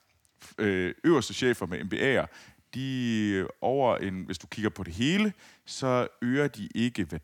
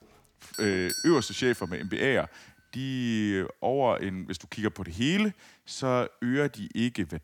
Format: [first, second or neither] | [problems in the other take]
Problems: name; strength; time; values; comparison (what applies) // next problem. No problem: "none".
first | doorbell; noticeable; from 0.5 to 1.5 s; peak 4 dB below the speech